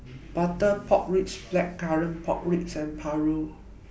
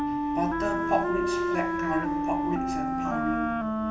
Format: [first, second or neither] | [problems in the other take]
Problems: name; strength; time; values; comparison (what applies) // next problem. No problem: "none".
first | background sound (Wind instrument, woodwind instrument); 4 dB above the speech // room echo; dies away in 2.7 s